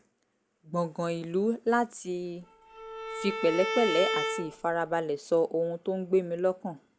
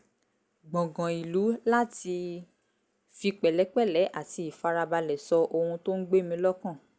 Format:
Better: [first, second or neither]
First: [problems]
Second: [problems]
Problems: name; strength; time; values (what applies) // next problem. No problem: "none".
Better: second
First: background sound (Bowed string instrument); 4 dB below the speech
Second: none